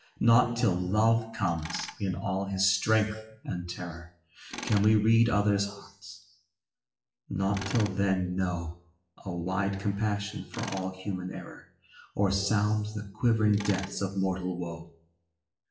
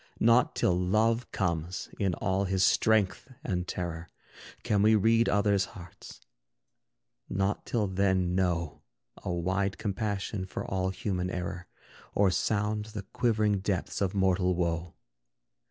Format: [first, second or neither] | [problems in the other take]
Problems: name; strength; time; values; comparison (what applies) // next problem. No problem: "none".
second | noise reduction (classical method WPE with log-MMSE)